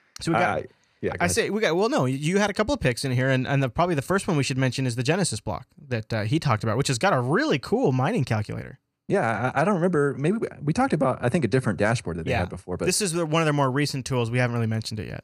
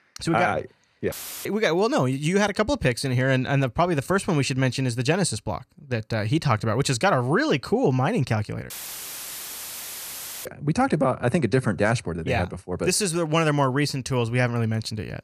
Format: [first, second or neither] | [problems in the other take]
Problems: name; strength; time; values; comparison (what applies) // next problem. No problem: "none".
first | audio cutting out; filled with static; at 1 s and at 8.5 s for 2 s